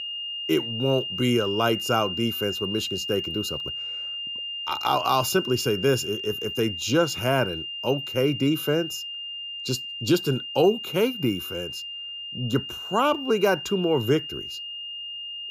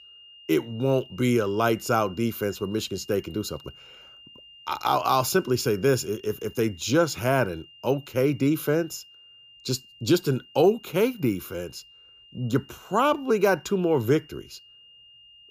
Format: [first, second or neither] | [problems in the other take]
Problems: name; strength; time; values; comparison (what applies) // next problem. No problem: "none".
second | high-pitched whine; loud; throughout; 3 kHz, 6 dB below the speech; faint in the second